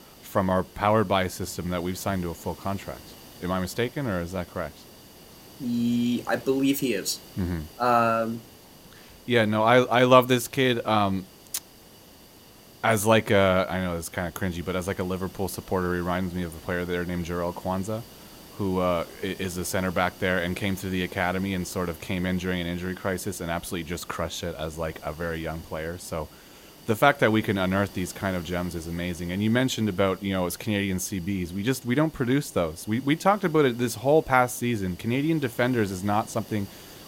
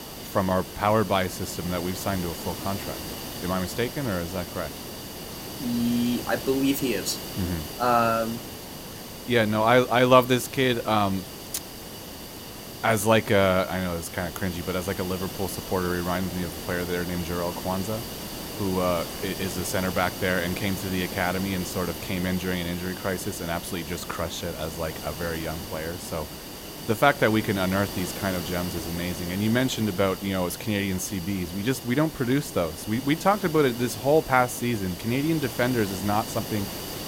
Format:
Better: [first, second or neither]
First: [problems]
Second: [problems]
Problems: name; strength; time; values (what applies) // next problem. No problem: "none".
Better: first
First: hiss; faint; throughout; 20 dB below the speech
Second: hiss; loud; throughout; 9 dB below the speech